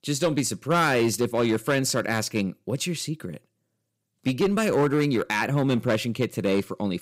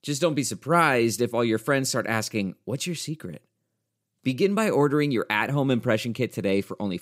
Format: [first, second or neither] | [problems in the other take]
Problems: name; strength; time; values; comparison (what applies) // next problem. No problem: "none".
second | distortion; slight; 7% of the sound clipped